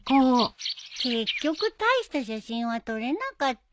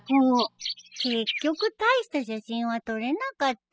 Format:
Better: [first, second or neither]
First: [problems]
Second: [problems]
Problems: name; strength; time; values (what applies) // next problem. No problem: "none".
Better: first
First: none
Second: noise reduction (classical method spectral subtraction)